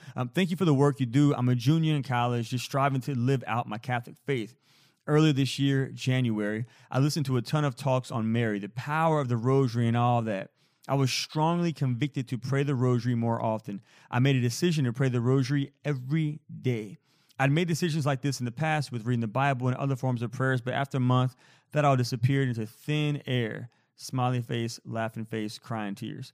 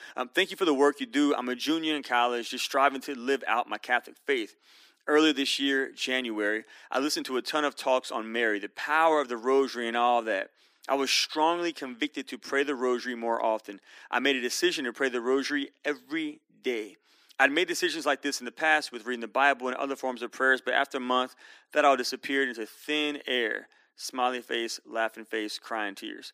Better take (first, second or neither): first